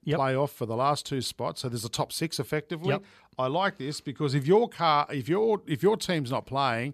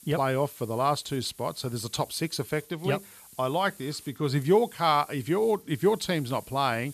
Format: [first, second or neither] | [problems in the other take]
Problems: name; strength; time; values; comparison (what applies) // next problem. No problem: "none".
first | hiss; faint; throughout; 20 dB below the speech